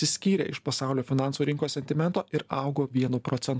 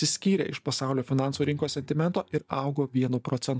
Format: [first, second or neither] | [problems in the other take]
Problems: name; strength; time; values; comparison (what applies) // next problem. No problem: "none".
first | noise reduction (neural mask model DeepFilterNet 3)